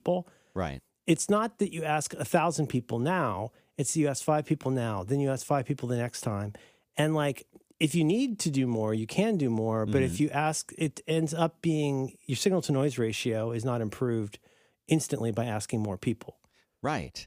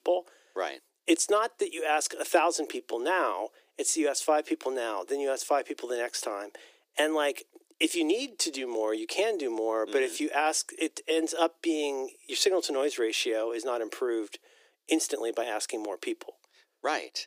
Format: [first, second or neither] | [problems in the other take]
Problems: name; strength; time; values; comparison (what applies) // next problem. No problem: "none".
first | thin; very; fading below 300 Hz